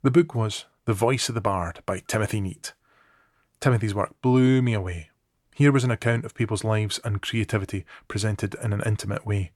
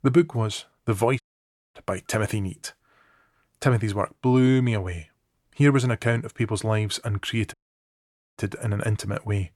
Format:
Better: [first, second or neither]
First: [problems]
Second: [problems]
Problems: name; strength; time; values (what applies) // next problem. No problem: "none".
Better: first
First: none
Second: audio cutting out; at 1 s for 0.5 s and at 7.5 s for 1 s